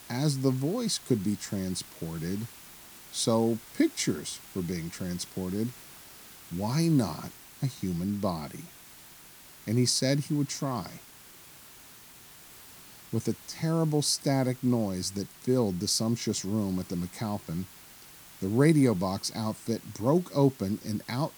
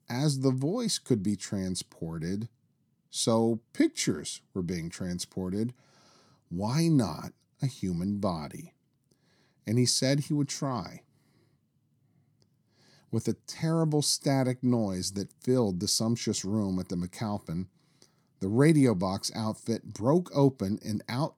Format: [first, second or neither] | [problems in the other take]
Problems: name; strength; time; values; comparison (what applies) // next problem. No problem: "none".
second | hiss; noticeable; throughout; 20 dB below the speech